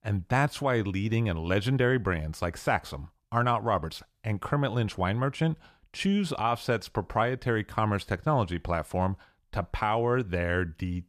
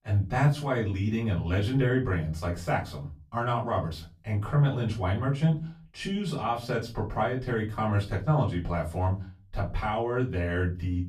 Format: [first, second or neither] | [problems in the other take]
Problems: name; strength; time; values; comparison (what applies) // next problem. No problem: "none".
first | off-mic speech; far // room echo; very slight; dies away in 0.3 s